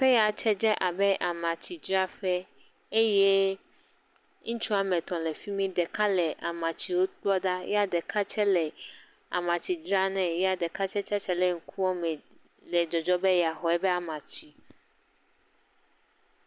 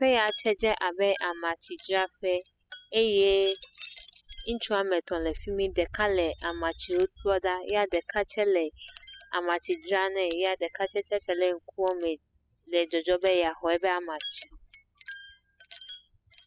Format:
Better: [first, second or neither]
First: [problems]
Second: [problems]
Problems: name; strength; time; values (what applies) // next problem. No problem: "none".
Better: first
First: none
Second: noise reduction (classical method spectral subtraction)